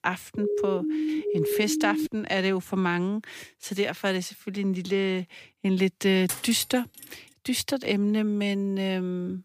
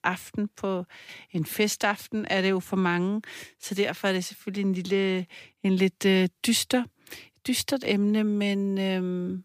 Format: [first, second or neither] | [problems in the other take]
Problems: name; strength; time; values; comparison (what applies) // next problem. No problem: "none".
second | siren; loud; until 2 s; peak level with the speech // clattering dishes; noticeable; at 6.5 s; peak 5 dB below the speech